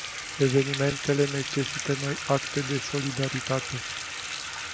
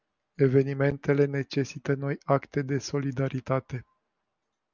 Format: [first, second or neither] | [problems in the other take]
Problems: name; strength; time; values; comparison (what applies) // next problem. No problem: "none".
second | background sound (Bathtub (filling or washing) / Water tap, faucet); 6 dB below the speech